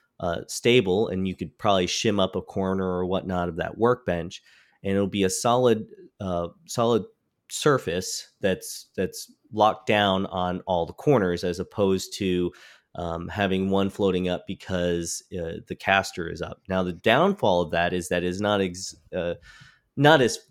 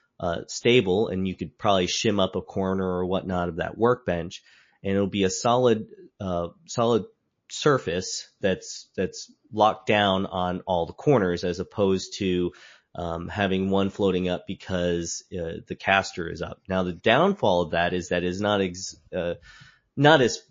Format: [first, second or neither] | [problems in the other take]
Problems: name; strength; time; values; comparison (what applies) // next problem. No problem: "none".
first | garbled, watery; slightly; nothing above 6.5 kHz